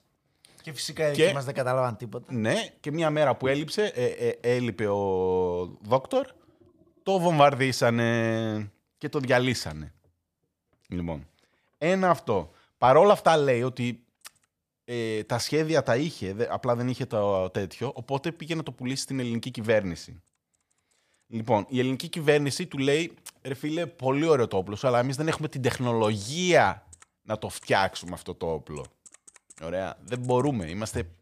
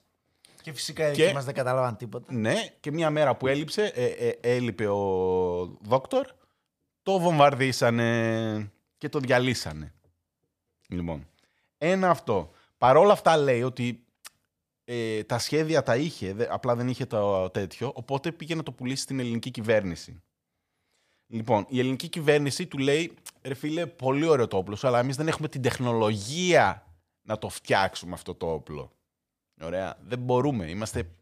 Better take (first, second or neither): second